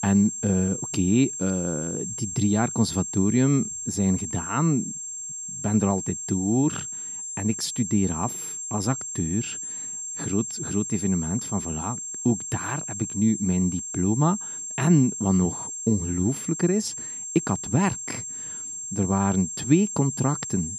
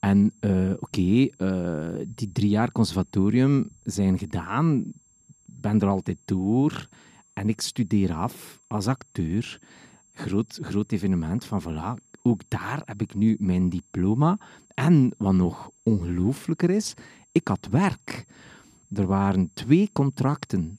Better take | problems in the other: second | high-pitched whine; loud; throughout; 7.5 kHz, 5 dB below the speech; faint in the second

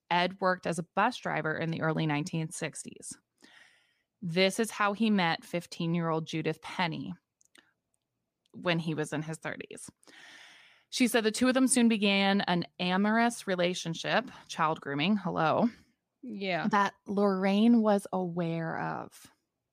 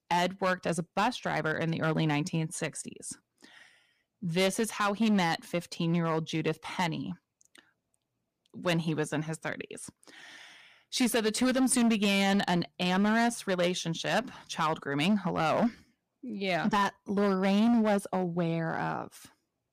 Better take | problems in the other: first | distortion; slight; 7% of the sound clipped

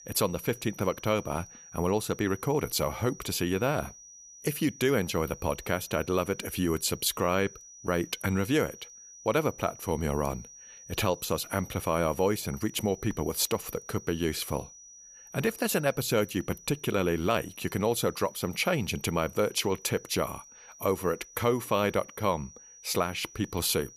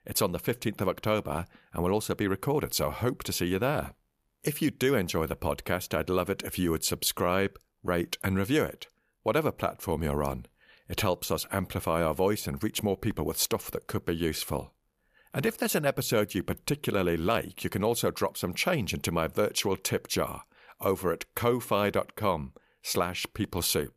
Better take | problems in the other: second | high-pitched whine; noticeable; throughout; 6 kHz, 20 dB below the speech

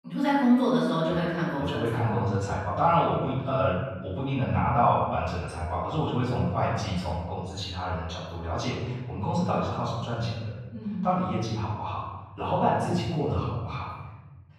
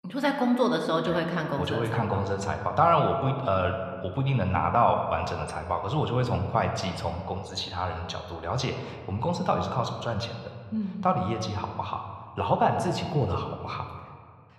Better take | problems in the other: second | room echo; strong; dies away in 1.3 s; slight in the second // off-mic speech; far

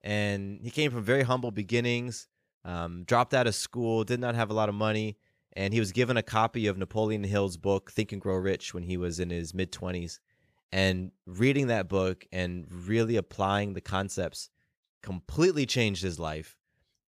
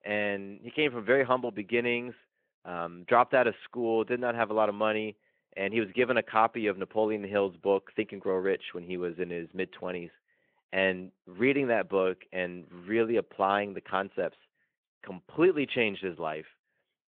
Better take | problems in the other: first | phone-call audio

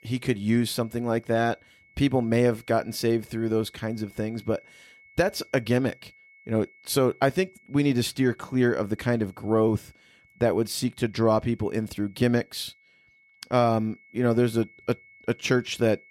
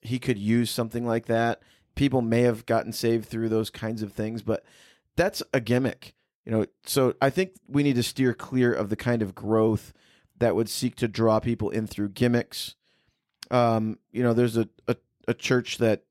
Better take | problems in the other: second | high-pitched whine; faint; throughout; 2 kHz, 30 dB below the speech

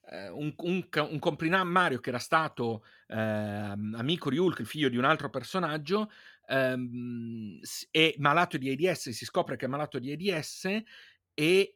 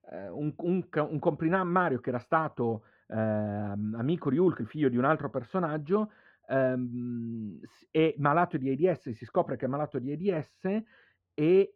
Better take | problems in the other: first | muffled; very; fading above 3 kHz

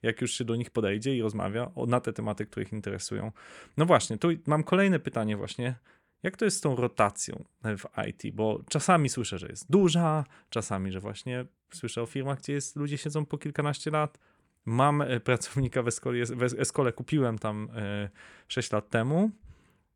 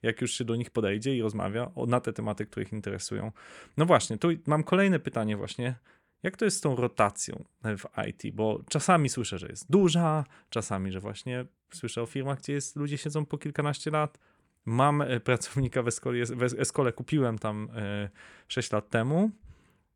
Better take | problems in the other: neither | none

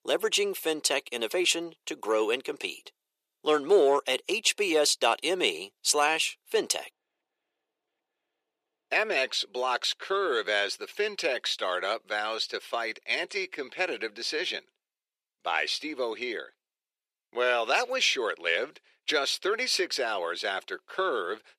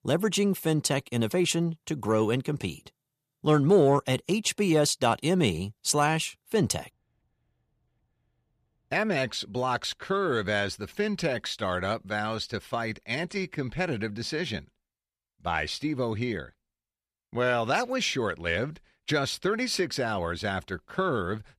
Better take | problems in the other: second | thin; very; fading below 400 Hz

